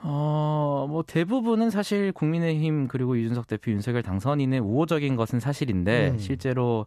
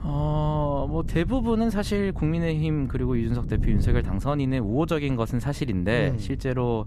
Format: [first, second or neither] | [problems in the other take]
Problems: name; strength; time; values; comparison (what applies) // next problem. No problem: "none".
first | wind noise on the microphone; occasional gusts; 15 dB below the speech